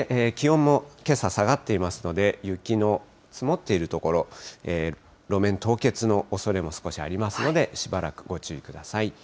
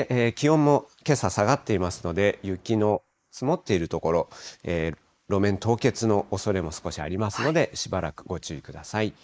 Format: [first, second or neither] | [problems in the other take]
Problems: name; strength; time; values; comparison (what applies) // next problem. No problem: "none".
first | noise reduction (neural mask model Resemble Enhance denoiser)